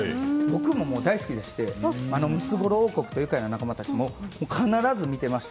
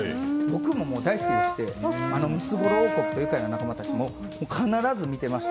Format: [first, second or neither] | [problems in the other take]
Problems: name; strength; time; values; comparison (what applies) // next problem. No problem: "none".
first | background sound (Brass instrument); 4 dB below the speech